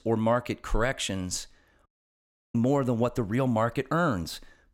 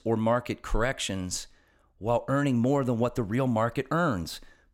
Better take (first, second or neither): second